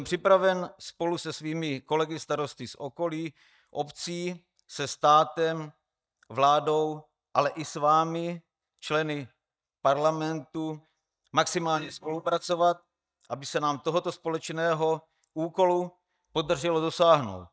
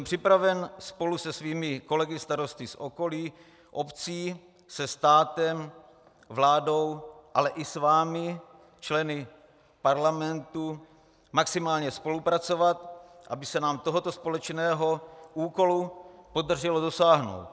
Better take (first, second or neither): second